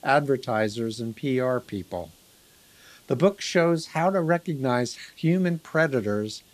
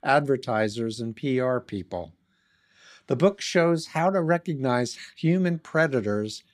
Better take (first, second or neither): second